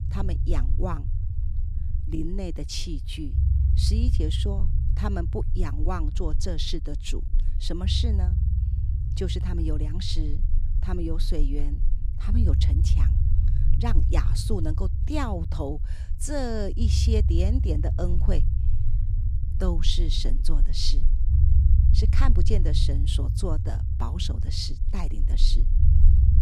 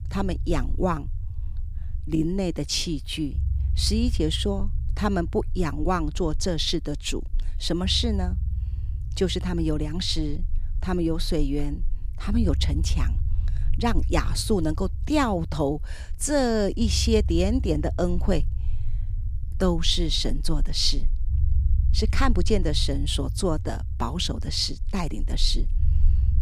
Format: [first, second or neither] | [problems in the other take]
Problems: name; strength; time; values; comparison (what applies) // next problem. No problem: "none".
second | low rumble; loud; throughout; 8 dB below the speech; faint in the second